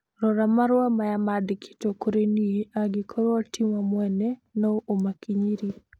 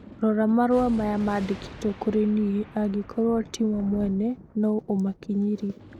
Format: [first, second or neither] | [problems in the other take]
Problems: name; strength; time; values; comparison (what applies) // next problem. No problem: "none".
first | background sound (Thunder); 18 dB below the speech